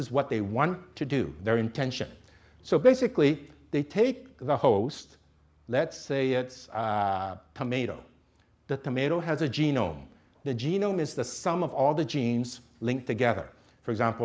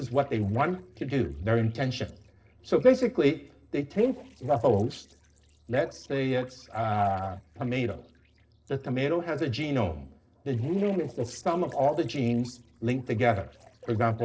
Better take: first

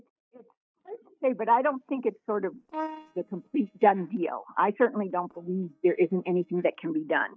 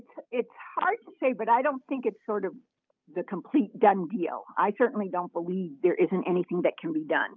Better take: second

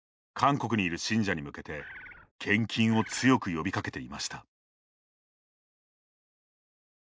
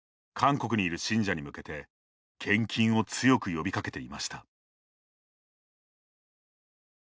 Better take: second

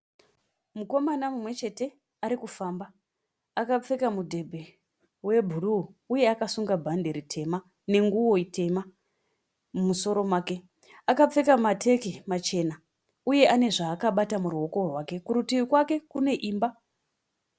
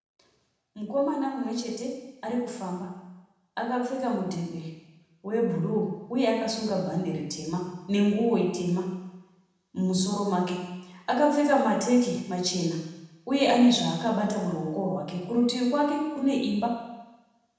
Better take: first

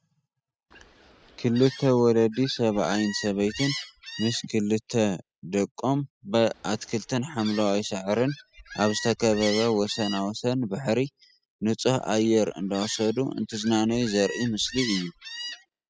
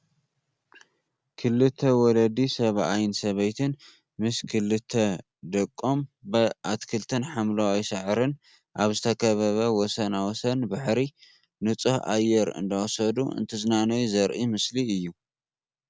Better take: second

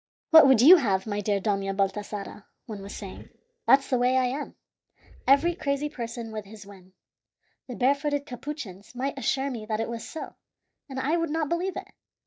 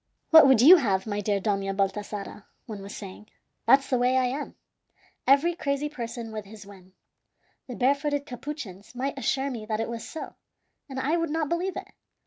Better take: second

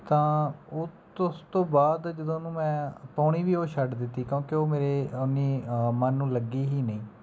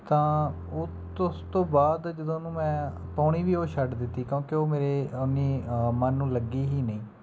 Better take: first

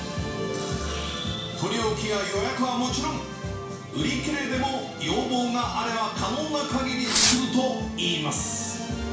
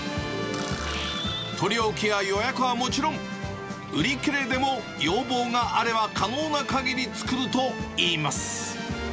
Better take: second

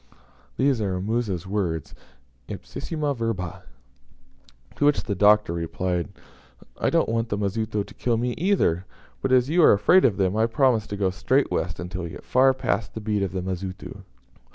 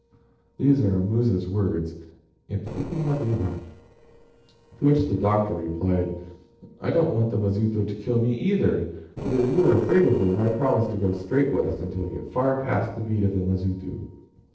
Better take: first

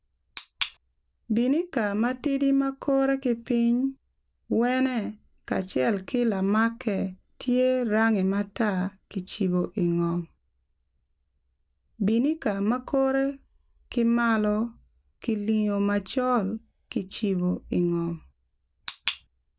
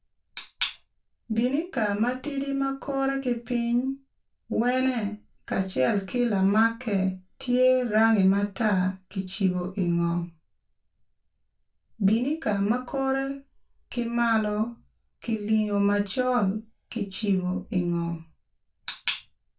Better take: first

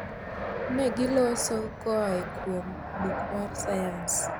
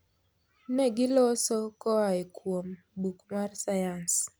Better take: second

